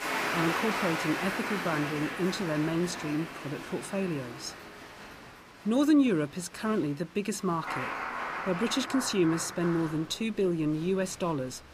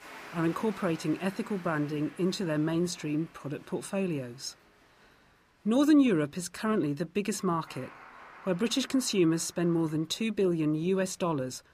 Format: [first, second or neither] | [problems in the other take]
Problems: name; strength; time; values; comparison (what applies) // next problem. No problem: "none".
second | crowd noise; loud; throughout; 5 dB below the speech; faint in the second